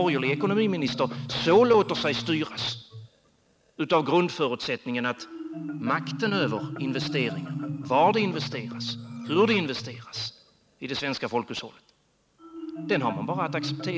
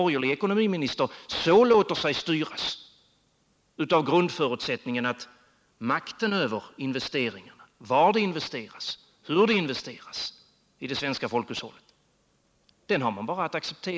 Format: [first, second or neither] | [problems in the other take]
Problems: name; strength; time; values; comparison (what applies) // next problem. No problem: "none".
second | background sound (Marimba, xylophone); 9 dB below the speech